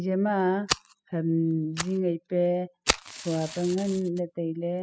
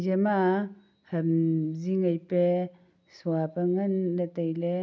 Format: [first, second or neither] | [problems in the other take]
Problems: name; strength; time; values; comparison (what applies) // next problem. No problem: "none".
second | noise reduction (classical method spectral subtraction)